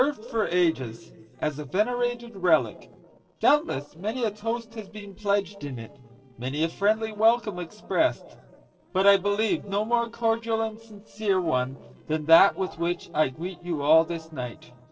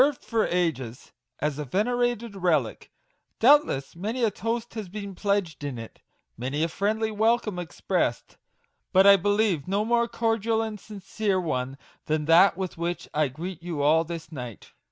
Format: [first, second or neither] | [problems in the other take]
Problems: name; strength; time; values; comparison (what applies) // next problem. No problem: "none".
second | noise reduction (neural separator model SepFormer DNS4)